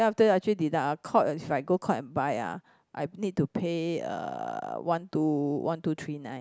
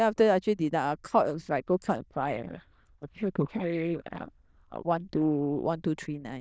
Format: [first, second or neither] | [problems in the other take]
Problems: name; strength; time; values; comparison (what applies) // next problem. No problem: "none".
first | noise reduction (neural diffusion model UNIVERSE++)